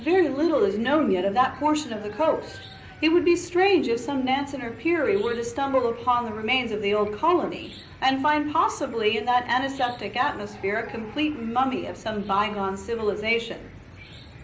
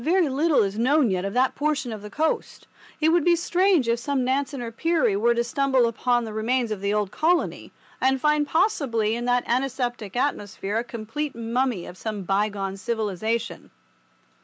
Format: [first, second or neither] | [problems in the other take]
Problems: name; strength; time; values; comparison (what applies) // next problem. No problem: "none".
second | background sound (Cricket / Chicken, rooster); 19 dB below the speech // room echo; dies away in 0.5 s